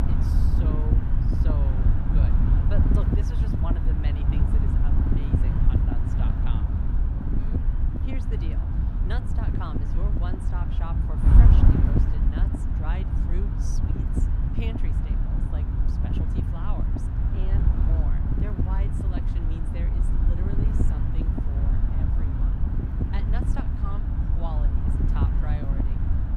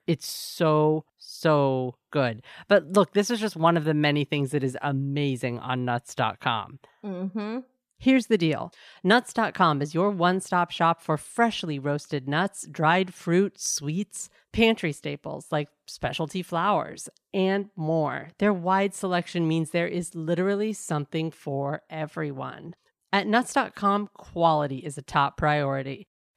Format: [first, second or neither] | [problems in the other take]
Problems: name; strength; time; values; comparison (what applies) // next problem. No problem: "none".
second | wind noise on the microphone; heavy; 4 dB above the speech